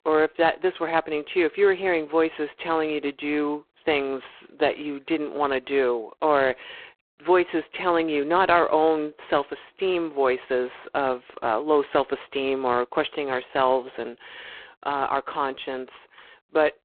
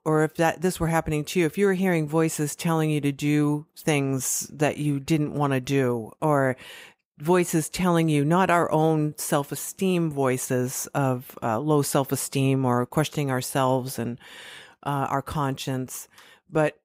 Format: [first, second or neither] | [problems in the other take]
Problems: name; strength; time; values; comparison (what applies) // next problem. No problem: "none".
second | phone-call audio; poor line; nothing above 4 kHz